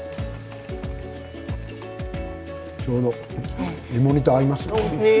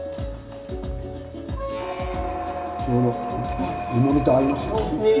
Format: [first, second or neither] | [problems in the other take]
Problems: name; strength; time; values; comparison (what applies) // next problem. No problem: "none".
first | background sound (Squeak); 6 dB below the speech // room echo; dies away in 2.1 s